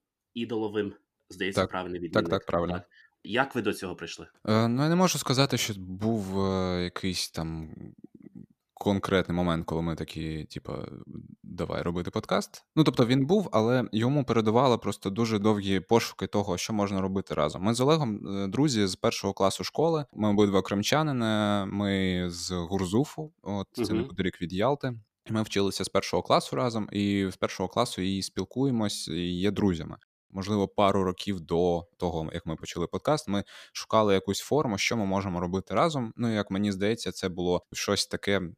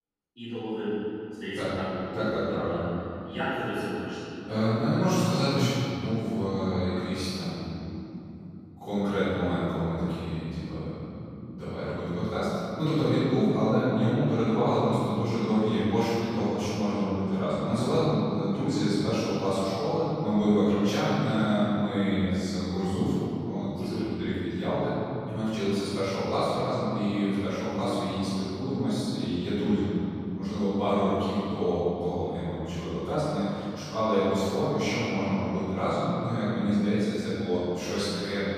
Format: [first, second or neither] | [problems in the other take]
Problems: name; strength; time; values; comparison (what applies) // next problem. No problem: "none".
first | off-mic speech; far // room echo; strong; dies away in 3 s